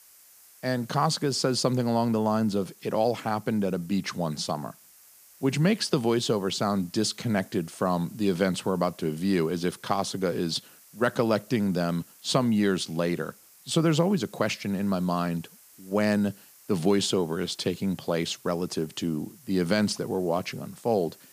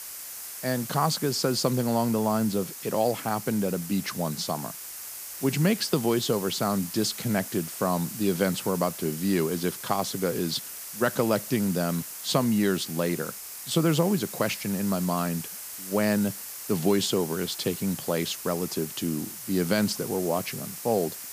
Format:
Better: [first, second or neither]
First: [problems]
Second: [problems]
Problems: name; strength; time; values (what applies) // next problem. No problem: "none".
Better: first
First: hiss; faint; throughout; 25 dB below the speech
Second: hiss; loud; throughout; 9 dB below the speech